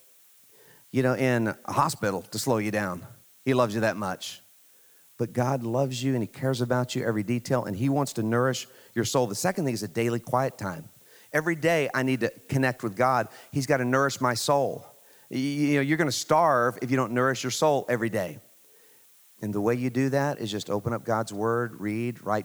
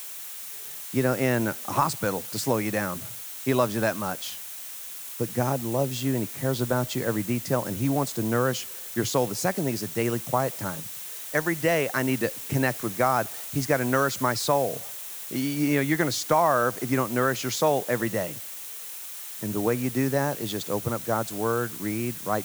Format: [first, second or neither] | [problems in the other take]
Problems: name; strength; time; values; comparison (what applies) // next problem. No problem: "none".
first | hiss; loud; throughout; 8 dB below the speech; faint in the first